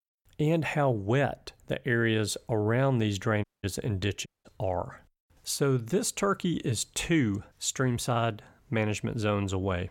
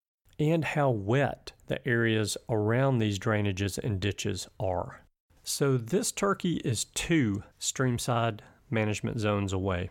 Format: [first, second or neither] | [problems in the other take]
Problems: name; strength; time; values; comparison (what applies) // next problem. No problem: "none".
second | audio cutting out; at 3.5 s and at 4.5 s